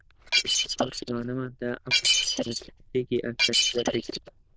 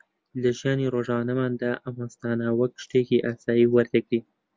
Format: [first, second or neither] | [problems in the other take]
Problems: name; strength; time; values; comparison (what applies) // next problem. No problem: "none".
second | noise reduction (neural diffusion model UNIVERSE++)